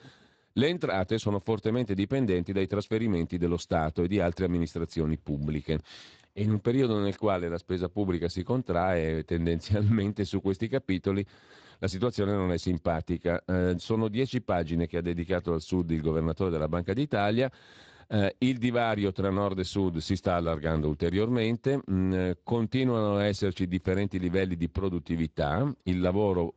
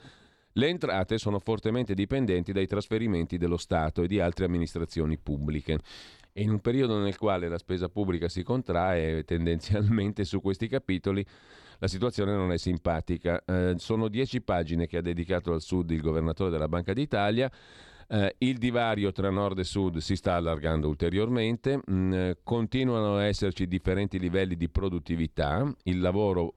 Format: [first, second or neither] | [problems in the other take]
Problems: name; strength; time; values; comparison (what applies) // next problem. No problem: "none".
second | garbled, watery; slightly; nothing above 7.5 kHz